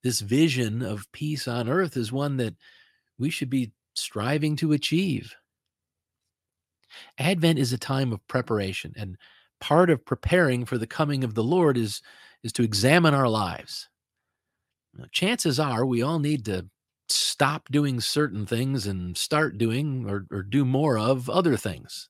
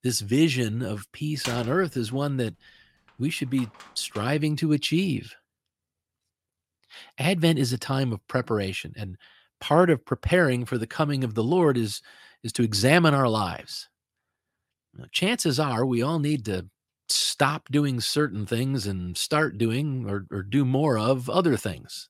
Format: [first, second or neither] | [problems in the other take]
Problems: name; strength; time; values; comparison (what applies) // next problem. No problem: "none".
first | door banging; noticeable; from 1.5 to 4 s; peak 9 dB below the speech